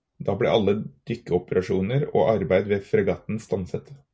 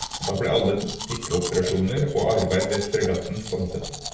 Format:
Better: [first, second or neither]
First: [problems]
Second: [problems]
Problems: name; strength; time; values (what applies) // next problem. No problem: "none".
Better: first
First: none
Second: background sound (Domestic sounds, home sounds); 10 dB below the speech // room echo; dies away in 0.6 s